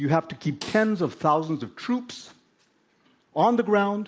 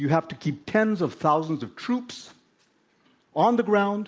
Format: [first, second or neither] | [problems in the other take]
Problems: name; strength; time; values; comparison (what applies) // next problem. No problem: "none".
second | background sound (Snare drum); 18 dB below the speech